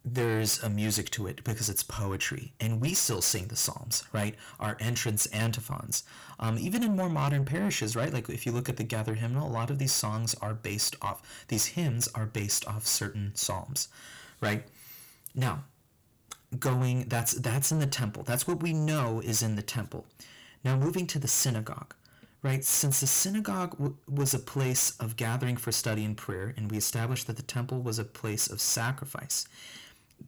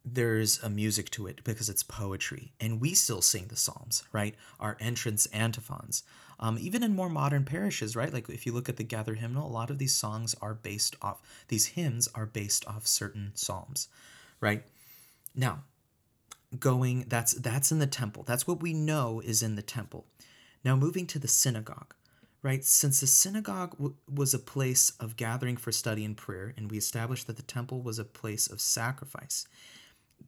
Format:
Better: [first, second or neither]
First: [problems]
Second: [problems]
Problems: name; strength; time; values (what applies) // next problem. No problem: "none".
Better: second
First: distortion; heavy; 8 dB below the speech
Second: none